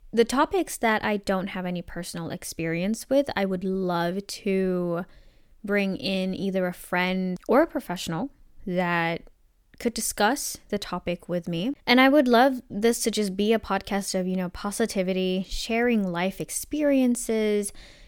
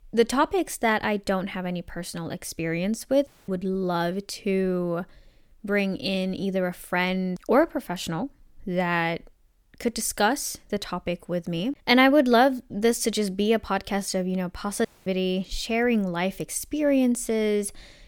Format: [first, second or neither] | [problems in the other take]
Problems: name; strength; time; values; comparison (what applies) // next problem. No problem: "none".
first | audio cutting out; at 3.5 s and at 15 s